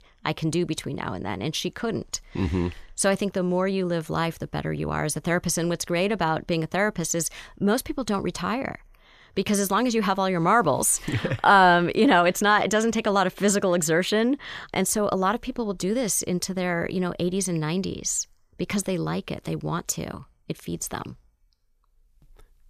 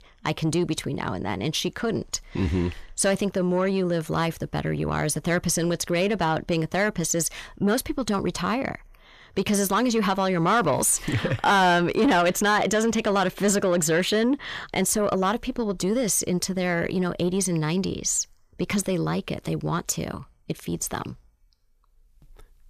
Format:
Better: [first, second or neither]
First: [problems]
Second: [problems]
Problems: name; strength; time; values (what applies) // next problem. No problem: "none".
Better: first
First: none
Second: distortion; slight; 10 dB below the speech